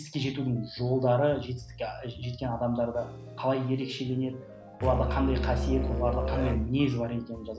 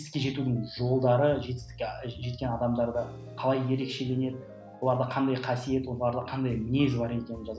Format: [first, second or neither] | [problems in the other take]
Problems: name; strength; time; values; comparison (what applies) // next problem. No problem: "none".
second | background sound (Musical instrument); 1 dB below the speech